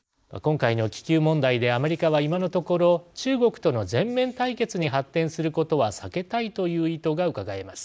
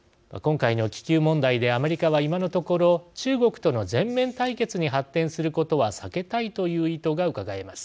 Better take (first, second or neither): second